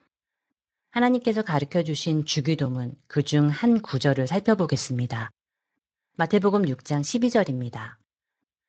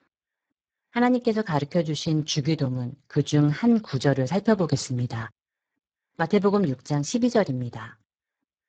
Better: first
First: garbled, watery; slightly; nothing above 7.5 kHz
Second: garbled, watery; badly; nothing above 7.5 kHz

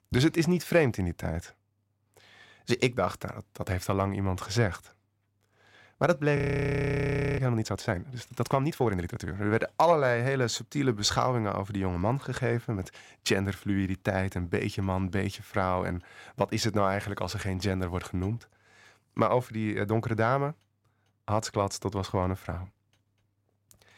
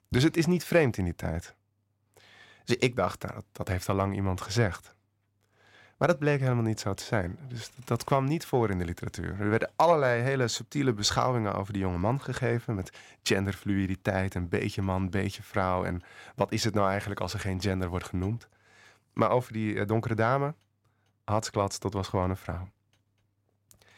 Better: second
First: audio freezing; at 6.5 s for 1 s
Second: none

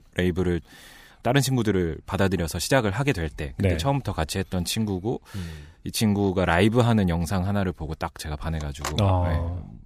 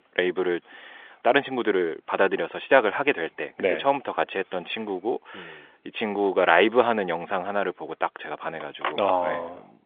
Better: first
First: none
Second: phone-call audio; nothing above 3.5 kHz

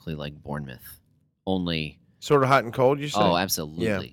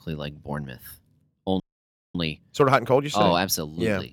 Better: first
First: none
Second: audio freezing; at 1.5 s for 0.5 s

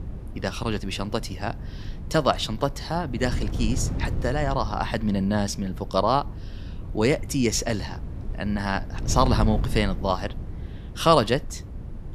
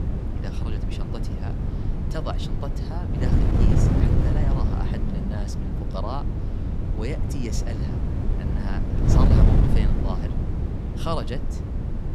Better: first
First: wind noise on the microphone; occasional gusts; 20 dB below the speech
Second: wind noise on the microphone; heavy; 2 dB above the speech

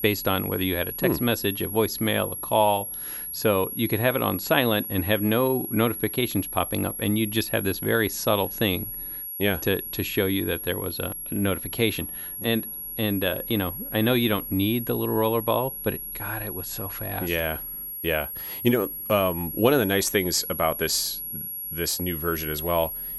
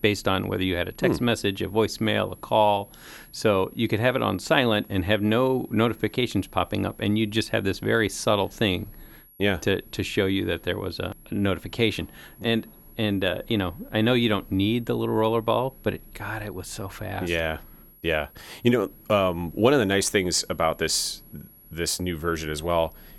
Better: second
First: high-pitched whine; loud; throughout; 11.5 kHz, 6 dB below the speech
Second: high-pitched whine; faint; throughout; 11.5 kHz, 25 dB below the speech

